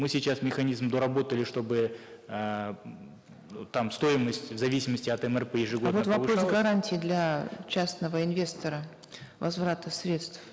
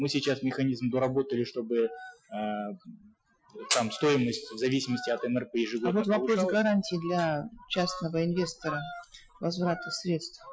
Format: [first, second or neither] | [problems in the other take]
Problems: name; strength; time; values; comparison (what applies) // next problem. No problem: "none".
first | noise reduction (classical method Wiener filter)